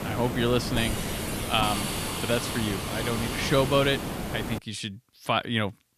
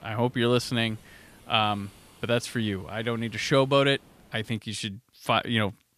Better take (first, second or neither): second